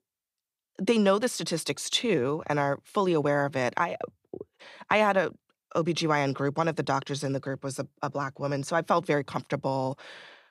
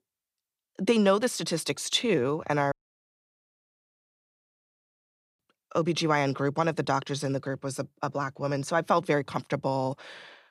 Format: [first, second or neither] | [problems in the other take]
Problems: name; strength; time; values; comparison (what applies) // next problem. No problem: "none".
first | audio cutting out; at 2.5 s for 2.5 s